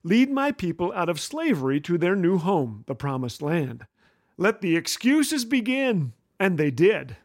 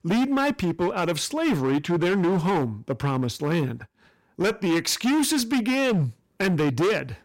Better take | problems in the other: first | distortion; heavy; 20% of the sound clipped

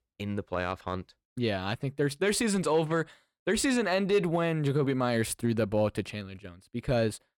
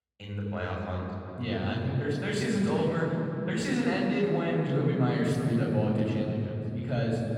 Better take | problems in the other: first | room echo; strong; dies away in 3 s // off-mic speech; far

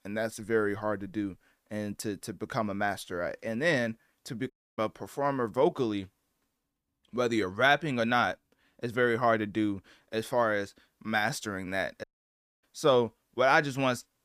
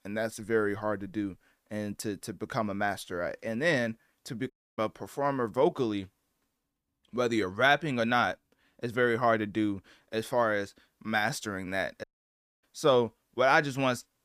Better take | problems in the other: neither | audio cutting out; at 4.5 s and at 12 s for 0.5 s; the same in both

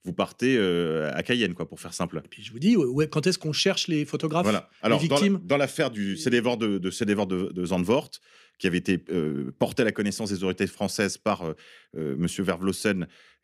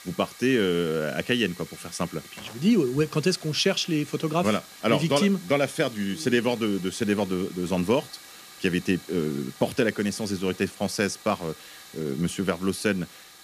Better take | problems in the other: first | hiss; noticeable; throughout; 20 dB below the speech

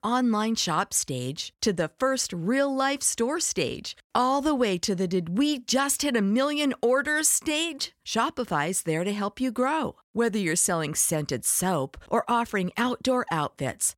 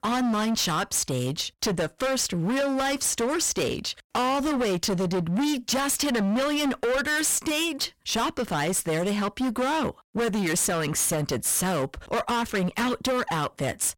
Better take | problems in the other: first | distortion; heavy; 29% of the sound clipped

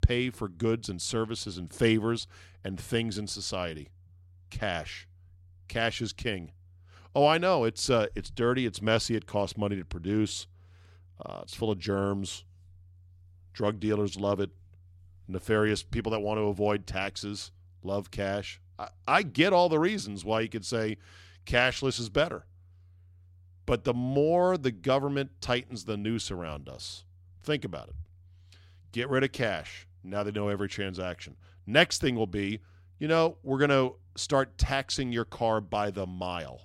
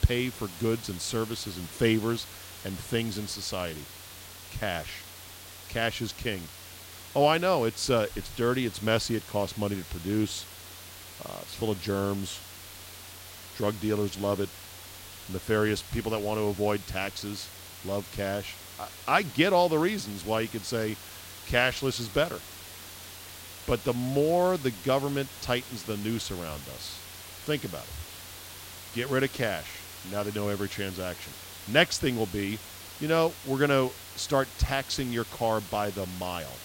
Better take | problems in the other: first | hiss; noticeable; throughout; 15 dB below the speech

